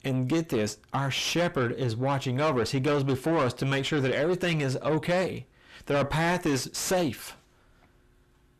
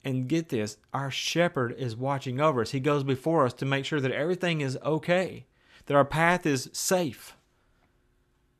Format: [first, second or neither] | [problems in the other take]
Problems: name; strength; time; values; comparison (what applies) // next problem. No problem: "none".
second | distortion; heavy; 6 dB below the speech